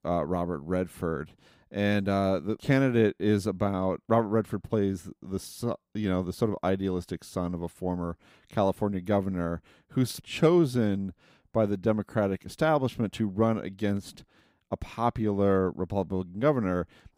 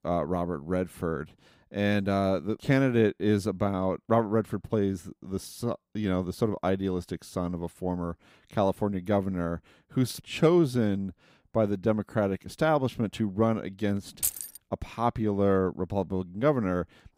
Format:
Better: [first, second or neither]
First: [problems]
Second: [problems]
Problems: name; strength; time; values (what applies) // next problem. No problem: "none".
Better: first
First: none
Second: jangling keys; noticeable; at 14 s; peak 1 dB below the speech